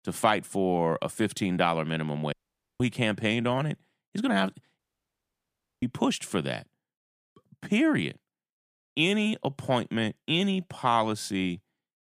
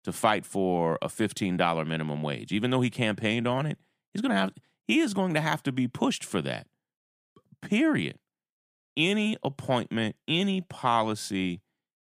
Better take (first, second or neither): second